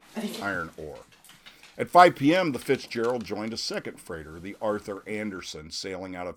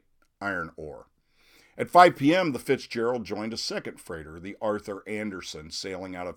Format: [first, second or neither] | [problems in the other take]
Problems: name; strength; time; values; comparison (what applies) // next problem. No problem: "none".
second | dog barking; noticeable; until 5 s; peak 9 dB below the speech